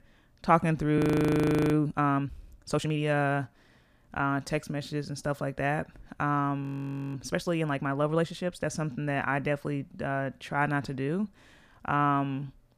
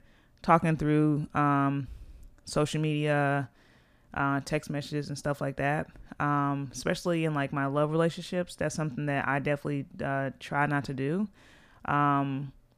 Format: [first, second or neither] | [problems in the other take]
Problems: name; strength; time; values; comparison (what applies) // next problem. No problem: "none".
second | audio freezing; at 1 s for 1 s and at 6.5 s for 0.5 s